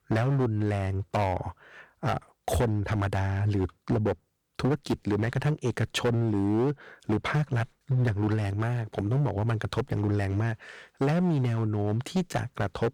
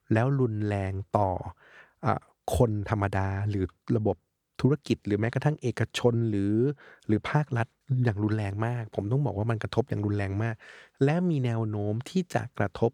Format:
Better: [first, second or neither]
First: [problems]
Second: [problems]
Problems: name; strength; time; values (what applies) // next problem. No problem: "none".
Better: second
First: distortion; heavy; 11% of the sound clipped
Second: none